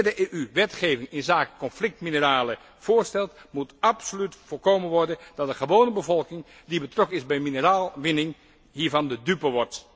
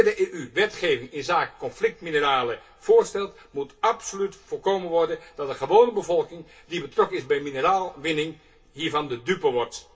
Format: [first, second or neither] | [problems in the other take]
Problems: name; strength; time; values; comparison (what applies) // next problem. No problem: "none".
first | room echo; dies away in 0.2 s